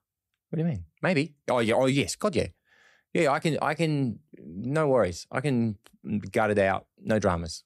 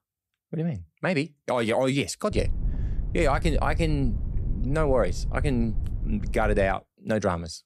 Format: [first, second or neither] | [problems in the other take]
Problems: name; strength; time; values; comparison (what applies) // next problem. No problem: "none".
first | low rumble; faint; from 2.5 to 6.5 s; 20 dB below the speech